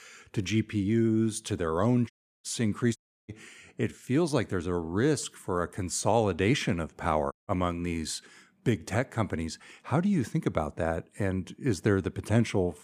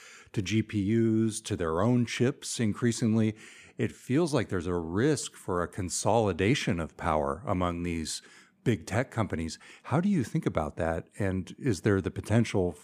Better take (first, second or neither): second